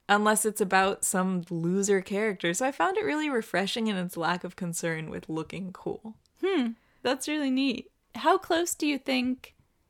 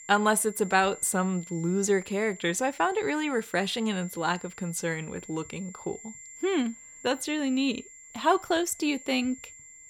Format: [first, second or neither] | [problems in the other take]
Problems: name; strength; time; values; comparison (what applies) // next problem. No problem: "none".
first | high-pitched whine; noticeable; throughout; 7.5 kHz, 15 dB below the speech